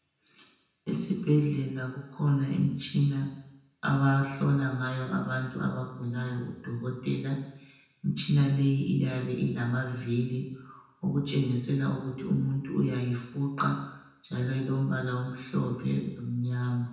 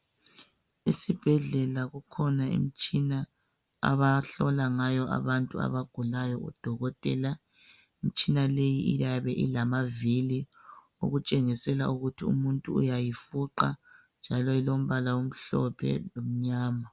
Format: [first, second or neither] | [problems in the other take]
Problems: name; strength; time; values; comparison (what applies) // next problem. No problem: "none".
second | room echo; dies away in 0.9 s